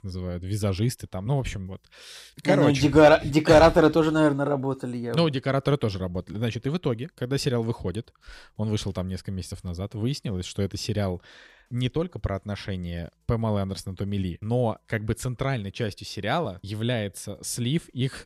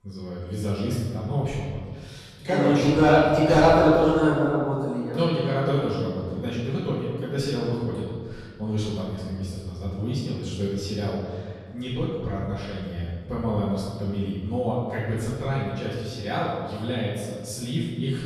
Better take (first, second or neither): first